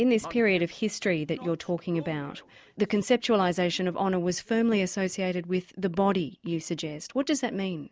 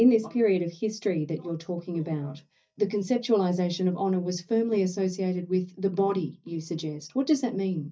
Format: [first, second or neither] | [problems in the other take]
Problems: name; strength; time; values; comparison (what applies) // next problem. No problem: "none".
first | noise reduction (neural mask model DeepFilterNet 3)